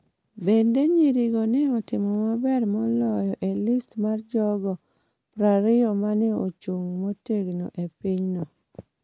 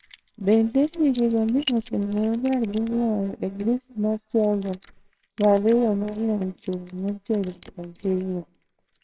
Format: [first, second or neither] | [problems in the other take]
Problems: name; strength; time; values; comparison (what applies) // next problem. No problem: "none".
first | noise reduction (neural separator model SepFormer WHAMR!)